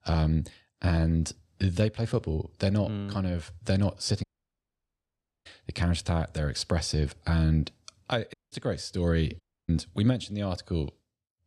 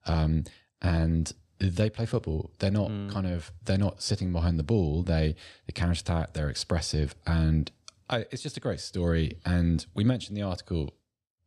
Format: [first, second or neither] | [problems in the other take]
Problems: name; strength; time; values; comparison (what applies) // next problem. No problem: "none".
second | audio cutting out; at 4 s for 1 s, at 8.5 s and at 9.5 s